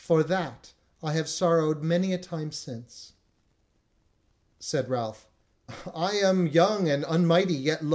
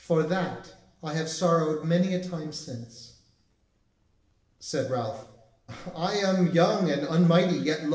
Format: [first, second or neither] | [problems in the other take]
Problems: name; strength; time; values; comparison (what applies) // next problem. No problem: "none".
first | room echo; dies away in 0.8 s